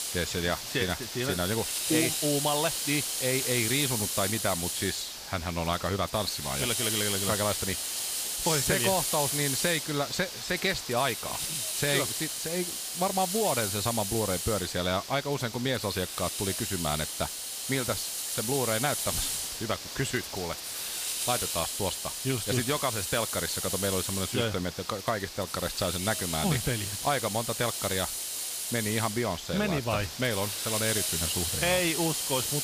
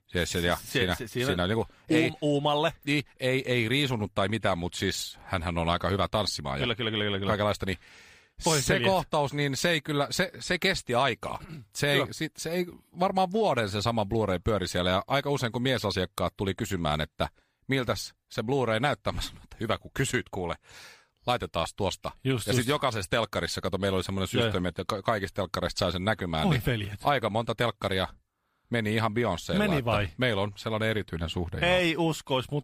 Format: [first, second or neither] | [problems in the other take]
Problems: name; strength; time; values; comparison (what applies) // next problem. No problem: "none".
second | hiss; loud; throughout; 1 dB below the speech